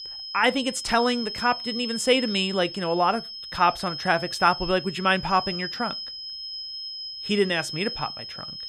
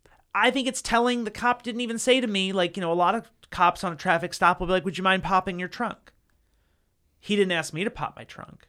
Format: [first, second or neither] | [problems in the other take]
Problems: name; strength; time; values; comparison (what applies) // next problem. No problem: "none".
second | high-pitched whine; loud; throughout; 5 kHz, 8 dB below the speech